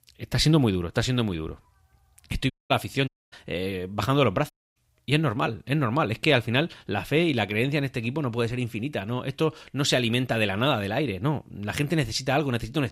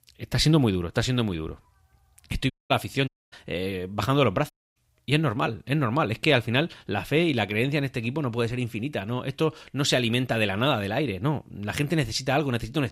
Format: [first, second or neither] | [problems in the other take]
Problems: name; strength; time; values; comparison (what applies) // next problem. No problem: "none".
neither | audio cutting out; at 2.5 s, at 3 s and at 4.5 s; the same in both